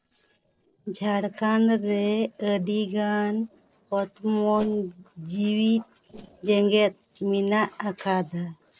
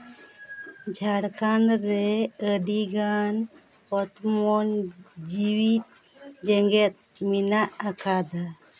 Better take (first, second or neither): second